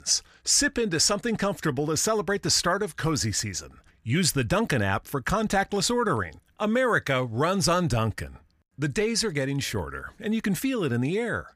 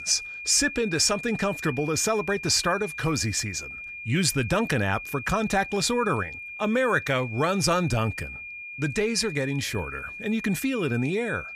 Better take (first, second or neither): first